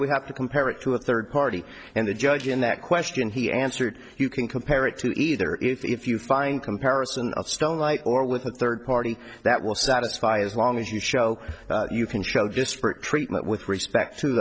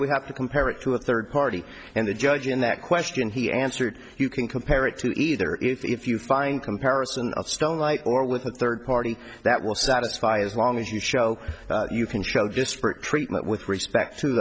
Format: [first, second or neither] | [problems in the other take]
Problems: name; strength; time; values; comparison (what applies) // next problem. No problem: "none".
second | noise reduction (neural separator model SepFormer DNS4)